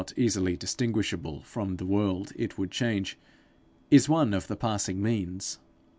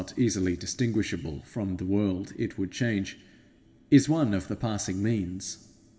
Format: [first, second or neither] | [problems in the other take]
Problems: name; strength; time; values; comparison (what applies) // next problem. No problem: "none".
first | room echo; dies away in 1.2 s